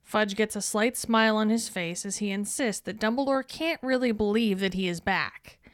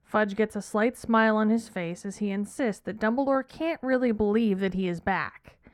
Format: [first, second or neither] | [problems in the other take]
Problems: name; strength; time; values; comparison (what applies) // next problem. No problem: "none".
first | muffled; slightly; fading above 2.5 kHz